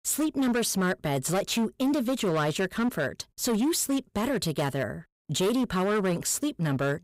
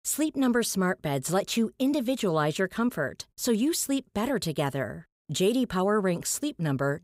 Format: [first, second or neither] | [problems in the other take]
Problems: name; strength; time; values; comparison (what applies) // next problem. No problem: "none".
second | distortion; slight; 15% of the sound clipped